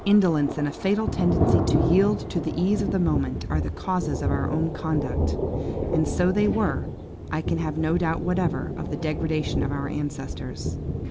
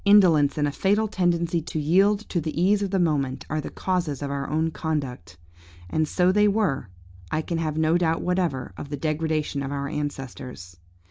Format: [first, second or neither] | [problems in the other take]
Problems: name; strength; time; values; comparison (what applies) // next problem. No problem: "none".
second | background sound (Thunder); 2 dB below the speech